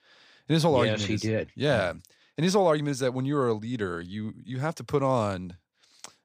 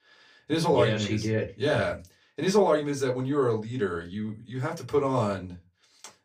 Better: first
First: none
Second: off-mic speech; far // room echo; very slight; dies away in 0.2 s

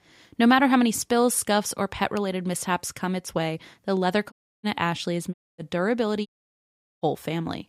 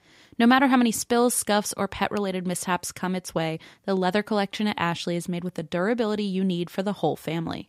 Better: second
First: audio cutting out; at 4.5 s, at 5.5 s and at 6.5 s for 1 s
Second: none

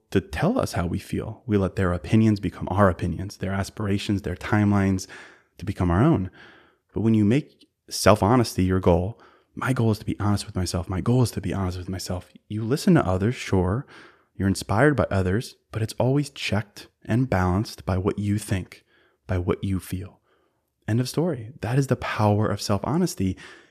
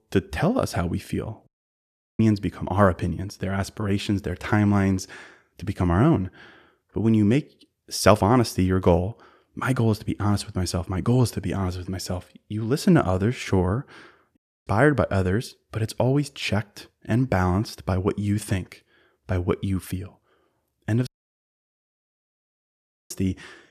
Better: first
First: none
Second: audio cutting out; at 1.5 s for 0.5 s, at 14 s and at 21 s for 2 s

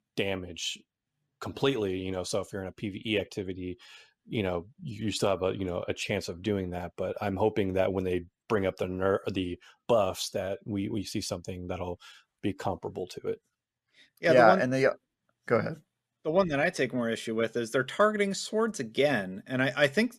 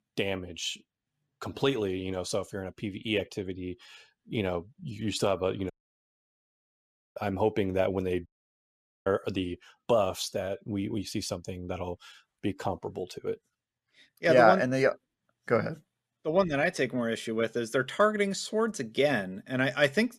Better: first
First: none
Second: audio cutting out; at 5.5 s for 1.5 s and at 8.5 s for 1 s

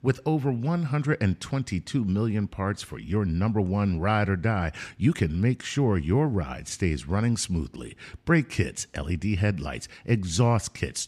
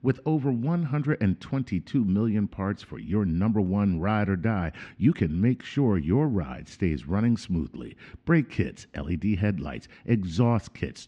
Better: first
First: none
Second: muffled; slightly; fading above 3.5 kHz

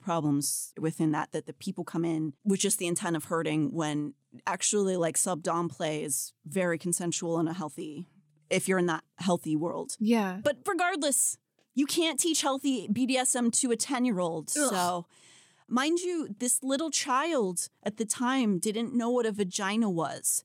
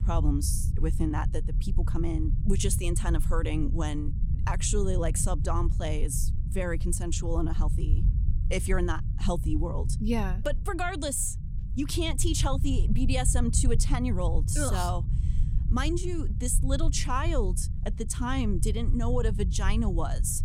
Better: first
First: none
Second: low rumble; noticeable; throughout; 15 dB below the speech

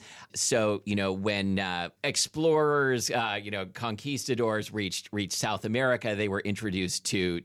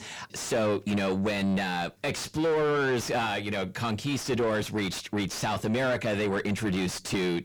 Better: first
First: none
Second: distortion; heavy; 6 dB below the speech

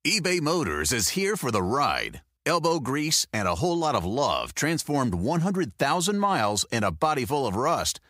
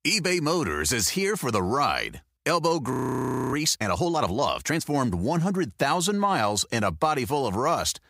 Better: first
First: none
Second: audio freezing; at 3 s for 0.5 s

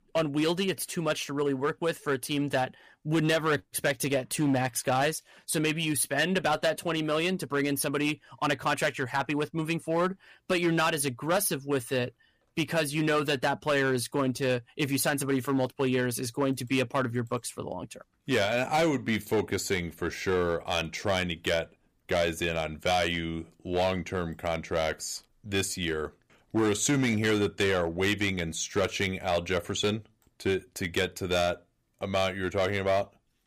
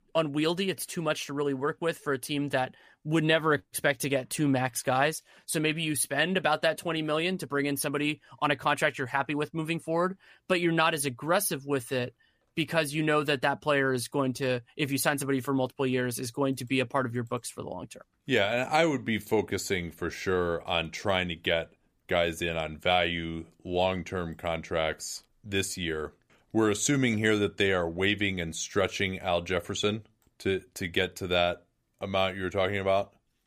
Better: second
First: distortion; slight; 5% of the sound clipped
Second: none

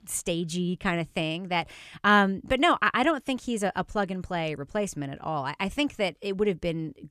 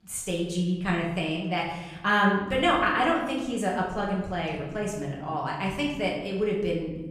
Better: first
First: none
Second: off-mic speech; far // room echo; noticeable; dies away in 1.1 s

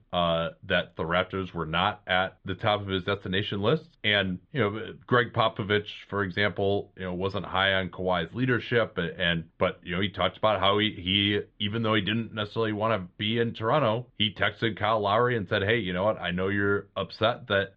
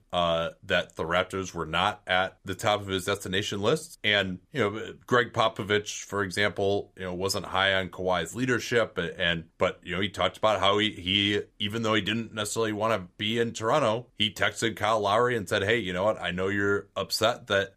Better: second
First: muffled; very; fading above 3.5 kHz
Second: none

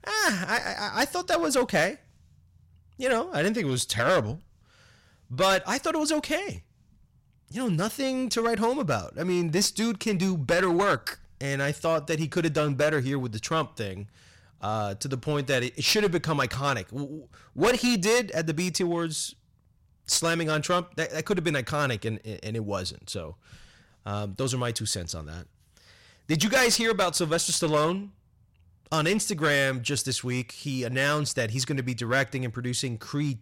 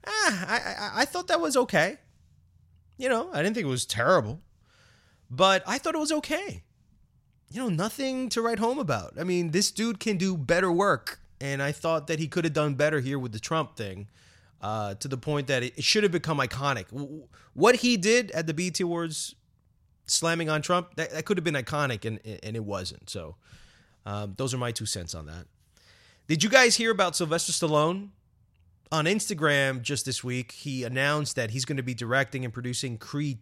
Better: second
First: distortion; slight; 5% of the sound clipped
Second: none

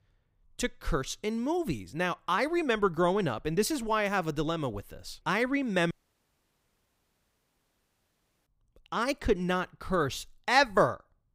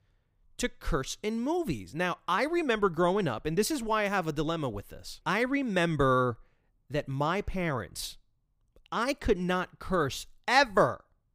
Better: second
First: audio cutting out; at 6 s for 2.5 s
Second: none

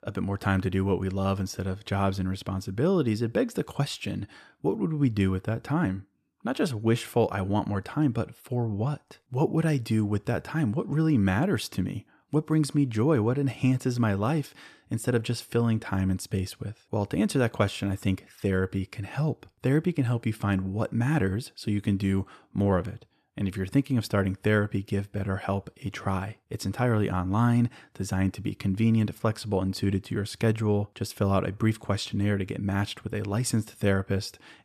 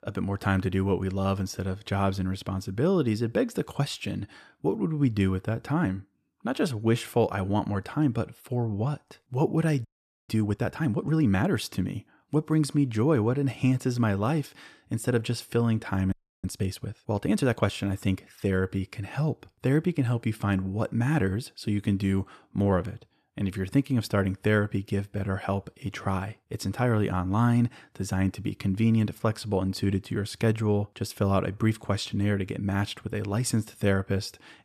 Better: first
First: none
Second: audio freezing; at 10 s and at 16 s

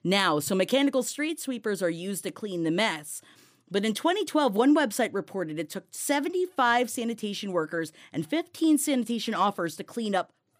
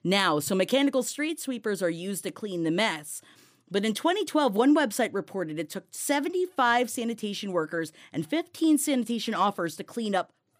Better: neither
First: none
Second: none

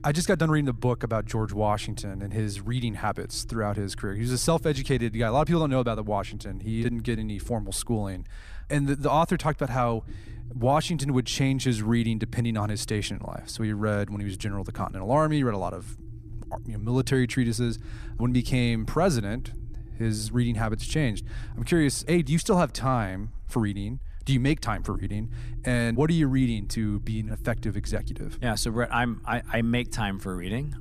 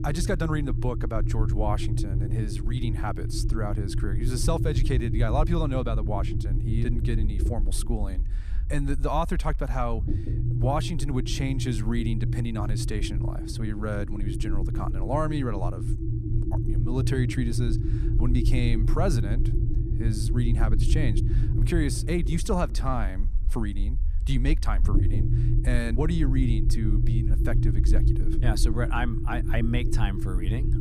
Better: first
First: low rumble; faint; throughout; 25 dB below the speech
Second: low rumble; loud; throughout; 6 dB below the speech

